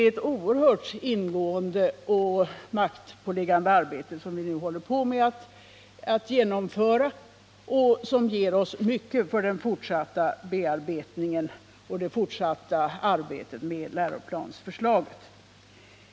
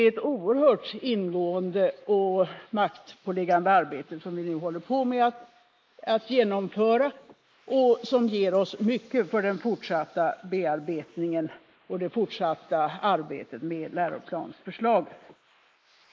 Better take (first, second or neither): first